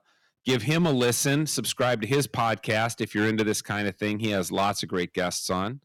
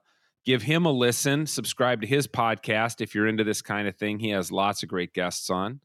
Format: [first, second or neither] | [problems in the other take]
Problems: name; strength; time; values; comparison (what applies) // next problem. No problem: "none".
second | distortion; slight; 6% of the sound clipped